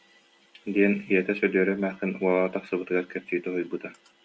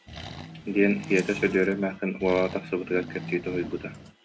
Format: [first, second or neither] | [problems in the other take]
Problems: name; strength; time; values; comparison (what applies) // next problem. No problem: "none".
first | background sound (Camera + Accelerating, revving, vroom); 13 dB below the speech